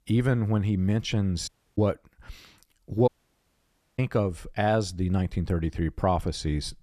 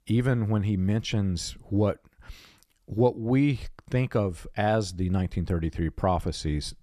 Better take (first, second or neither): second